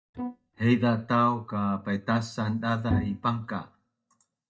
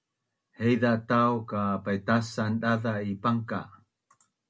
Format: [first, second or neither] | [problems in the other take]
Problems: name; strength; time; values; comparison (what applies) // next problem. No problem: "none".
second | noise reduction (neural mask model DeepFilterNet 3)